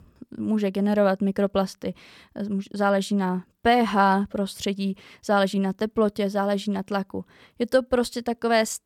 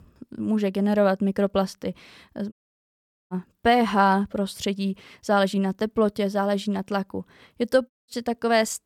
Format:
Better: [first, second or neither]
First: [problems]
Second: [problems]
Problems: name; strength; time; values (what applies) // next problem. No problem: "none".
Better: first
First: none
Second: audio cutting out; at 2.5 s for 1 s and at 8 s